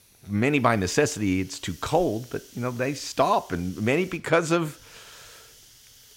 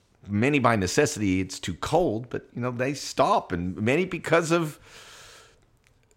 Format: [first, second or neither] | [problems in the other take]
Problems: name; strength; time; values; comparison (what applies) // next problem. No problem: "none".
second | hiss; faint; throughout; 25 dB below the speech